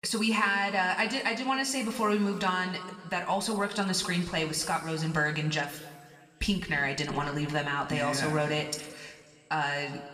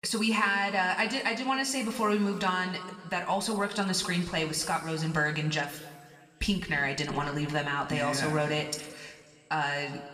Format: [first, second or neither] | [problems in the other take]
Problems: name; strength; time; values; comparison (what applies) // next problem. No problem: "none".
neither | room echo; slight; dies away in 1.7 s; the same in both // off-mic speech; somewhat distant; the same in both